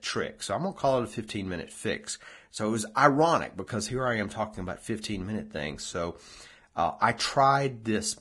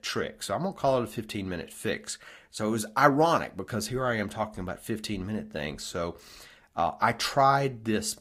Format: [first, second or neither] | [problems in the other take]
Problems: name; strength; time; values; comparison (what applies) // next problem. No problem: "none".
second | garbled, watery; badly; nothing above 10.5 kHz; slightly in the second